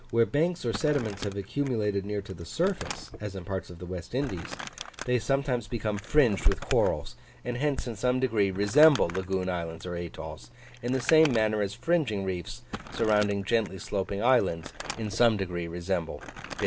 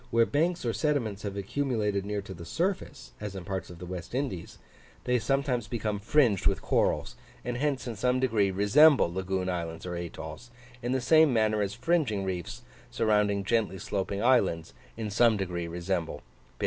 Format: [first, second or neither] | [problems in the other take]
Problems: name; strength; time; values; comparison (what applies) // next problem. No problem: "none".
second | background sound (Crumpling, crinkling); 15 dB below the speech